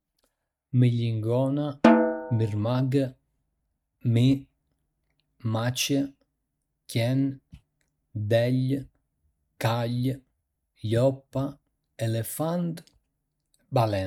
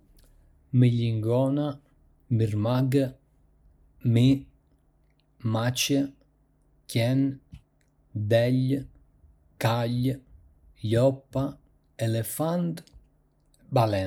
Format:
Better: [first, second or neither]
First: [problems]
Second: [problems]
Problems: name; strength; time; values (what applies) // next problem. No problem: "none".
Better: second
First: noise reduction (neural mask model RNNoise)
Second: none